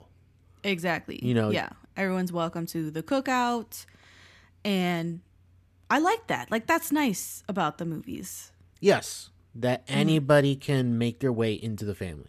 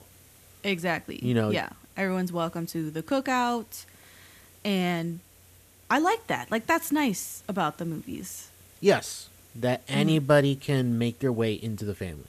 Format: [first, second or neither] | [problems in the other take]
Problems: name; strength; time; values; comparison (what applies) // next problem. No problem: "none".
first | hiss; faint; throughout; 25 dB below the speech